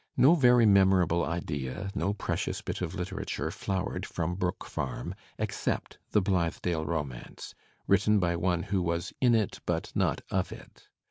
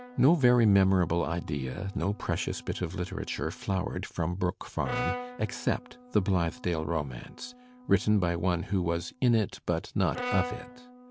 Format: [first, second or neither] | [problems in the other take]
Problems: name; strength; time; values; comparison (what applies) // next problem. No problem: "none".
first | background sound (Brass instrument); 14 dB below the speech